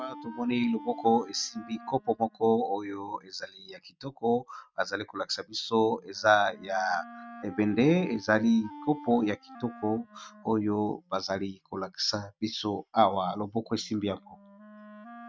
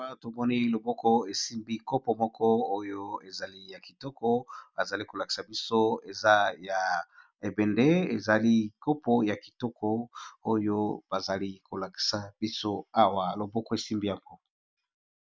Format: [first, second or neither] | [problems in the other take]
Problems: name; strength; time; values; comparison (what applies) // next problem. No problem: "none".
second | noise reduction (neural mask model RNNoise)